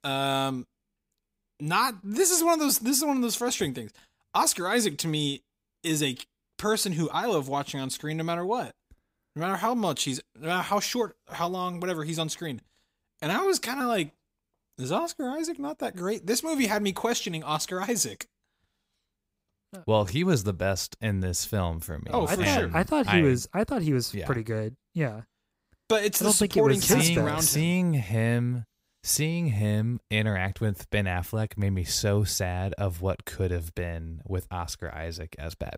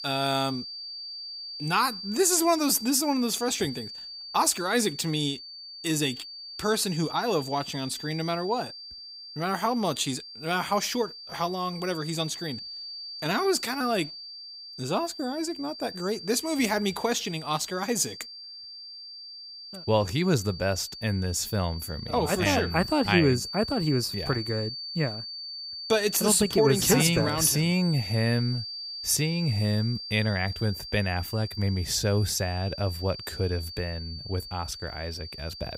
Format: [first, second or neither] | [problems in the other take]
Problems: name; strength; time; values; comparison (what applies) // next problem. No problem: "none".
first | high-pitched whine; loud; throughout; 4.5 kHz, 10 dB below the speech